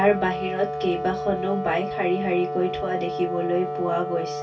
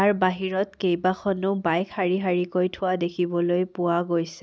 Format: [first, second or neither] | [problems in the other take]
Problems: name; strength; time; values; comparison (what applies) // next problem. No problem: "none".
second | background sound (Wind instrument, woodwind instrument); 5 dB below the speech // room echo; dies away in 0.2 s